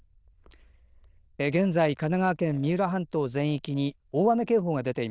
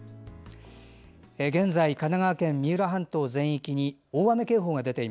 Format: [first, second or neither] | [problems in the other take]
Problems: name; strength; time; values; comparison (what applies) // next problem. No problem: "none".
second | noise reduction (neural diffusion model UNIVERSE++)